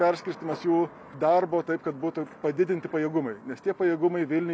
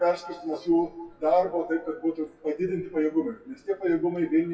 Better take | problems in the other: first | noise reduction (classical method WPE with log-MMSE)

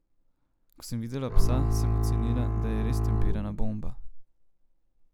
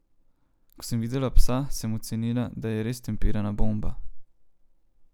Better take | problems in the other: second | background sound (Bowed string instrument); 2 dB above the speech

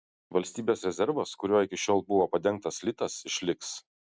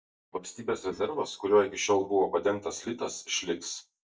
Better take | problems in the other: first | noise reduction (neural mask model DeepFilterNet 3)

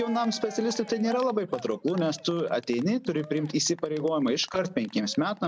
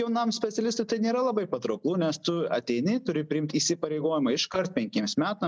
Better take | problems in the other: second | background sound (Cheering); 19 dB below the speech

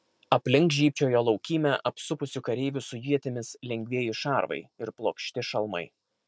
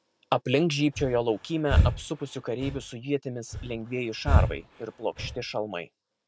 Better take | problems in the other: first | background sound (Breathing); 1 dB above the speech

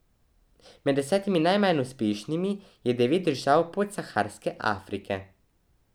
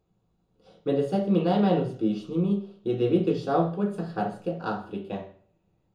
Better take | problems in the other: first | room echo; dies away in 0.6 s

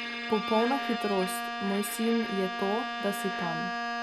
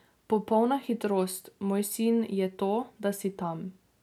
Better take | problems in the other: second | background sound (Bowed string instrument); 3 dB below the speech

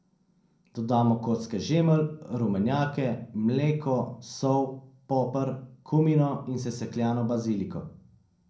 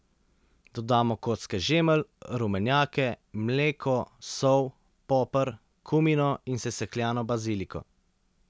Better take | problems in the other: second | room echo; dies away in 0.6 s

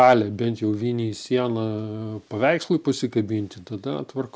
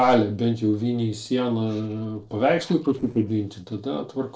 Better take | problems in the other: first | noise reduction (neural separator model SepFormer DNS4)

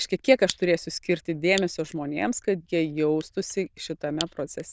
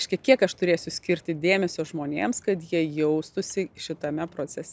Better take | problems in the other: second | noise reduction (neural diffusion model UNIVERSE++)

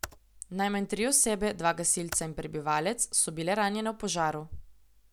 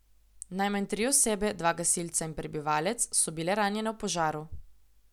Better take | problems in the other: second | background sound (Computer keyboard); 17 dB below the speech

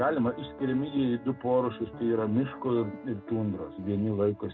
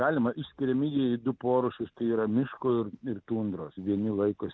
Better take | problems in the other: second | background sound (Piano); 15 dB below the speech // room echo; dies away in 0.2 s

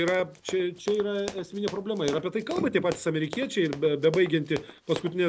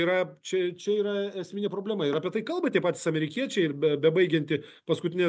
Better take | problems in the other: second | background sound (Run); 13 dB below the speech

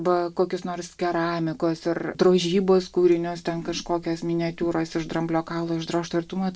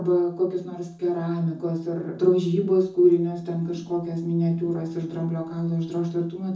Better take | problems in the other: first | room echo; dies away in 0.5 s

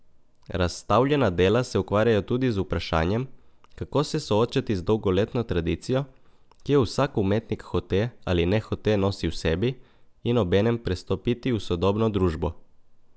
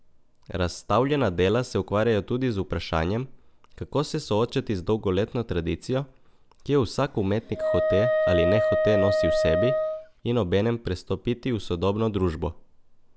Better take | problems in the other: first | background sound (Wind instrument, woodwind instrument); 2 dB above the speech

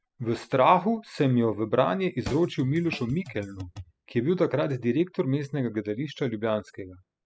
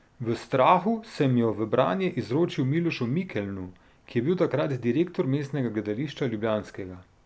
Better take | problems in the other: second | noise reduction (classical method spectral subtraction)

